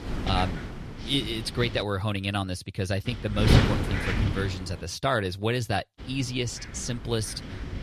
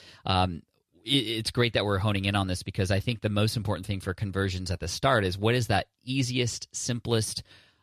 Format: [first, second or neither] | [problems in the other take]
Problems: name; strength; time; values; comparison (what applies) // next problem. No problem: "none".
second | wind noise on the microphone; heavy; until 2 s, from 3 to 5 s and from 6 s on; 3 dB below the speech